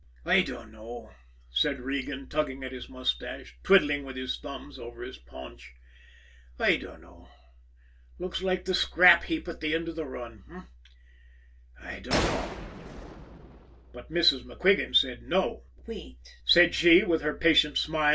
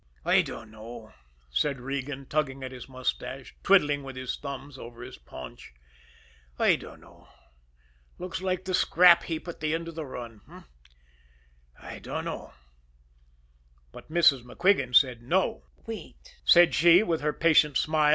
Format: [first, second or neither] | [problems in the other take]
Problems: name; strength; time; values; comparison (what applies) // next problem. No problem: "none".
second | background sound (Gunshot, gunfire); 6 dB below the speech // room echo; dies away in 0.1 s